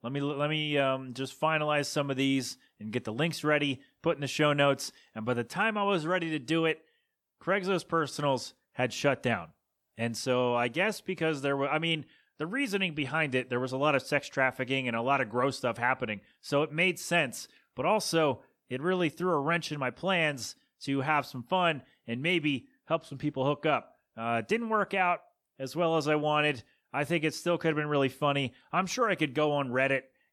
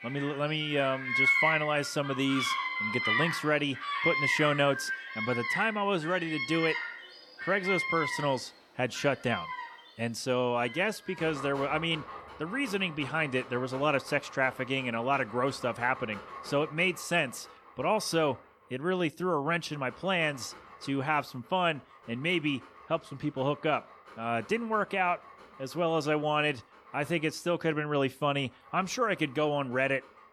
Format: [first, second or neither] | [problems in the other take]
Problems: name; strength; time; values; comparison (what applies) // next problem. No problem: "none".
first | animal sounds; loud; throughout; 3 dB below the speech